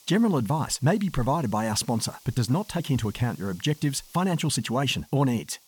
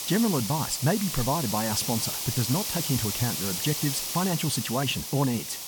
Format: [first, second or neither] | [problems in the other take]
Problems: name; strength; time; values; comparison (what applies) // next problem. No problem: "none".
first | hiss; loud; throughout; 2 dB below the speech; faint in the first